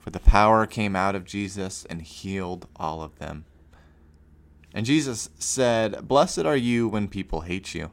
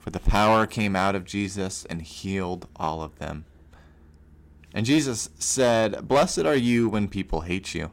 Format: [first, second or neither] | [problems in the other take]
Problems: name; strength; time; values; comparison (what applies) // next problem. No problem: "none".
first | distortion; heavy; 4% of the sound clipped